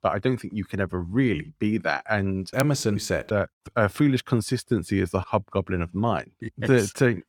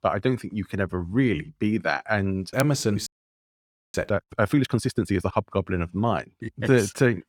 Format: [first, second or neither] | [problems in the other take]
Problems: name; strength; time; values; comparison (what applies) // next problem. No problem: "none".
first | audio freezing; at 3 s for 1 s